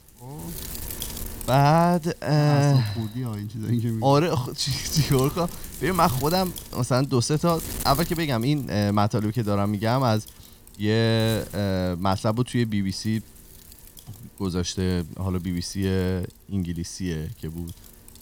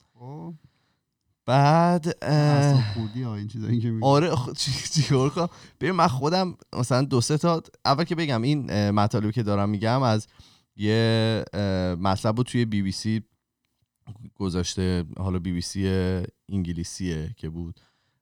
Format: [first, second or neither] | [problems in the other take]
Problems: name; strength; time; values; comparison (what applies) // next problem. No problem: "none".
second | wind noise on the microphone; occasional gusts; 15 dB below the speech